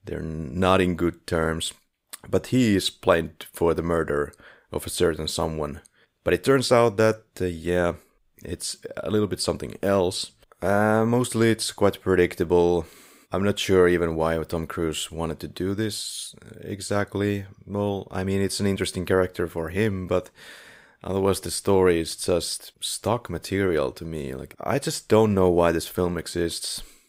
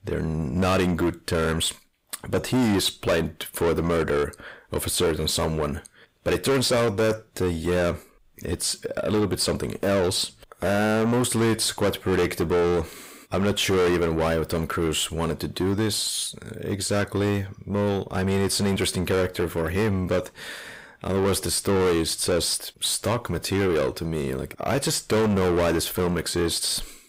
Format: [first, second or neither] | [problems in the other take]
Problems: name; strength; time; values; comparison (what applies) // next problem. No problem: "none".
first | distortion; heavy; 6 dB below the speech